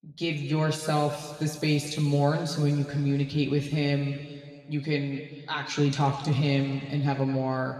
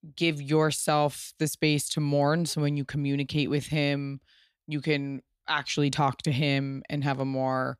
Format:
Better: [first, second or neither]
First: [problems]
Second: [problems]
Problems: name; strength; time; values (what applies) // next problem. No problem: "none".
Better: second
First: room echo; noticeable; dies away in 2.2 s // off-mic speech; somewhat distant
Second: none